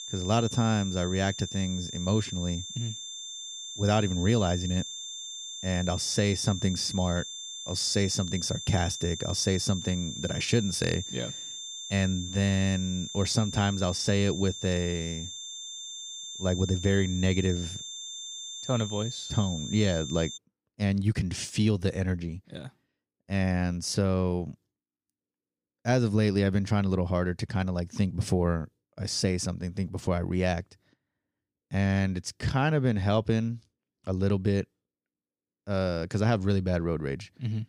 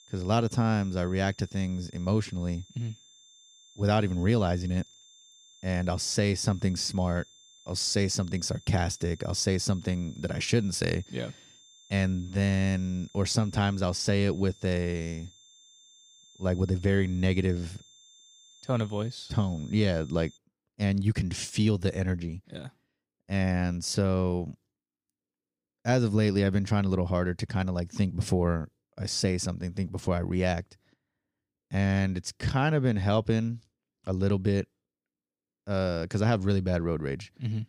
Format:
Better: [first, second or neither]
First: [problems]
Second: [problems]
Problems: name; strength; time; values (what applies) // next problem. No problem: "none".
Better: second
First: high-pitched whine; loud; until 20 s; 3.5 kHz, 8 dB below the speech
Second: high-pitched whine; faint; until 20 s; 3.5 kHz, 25 dB below the speech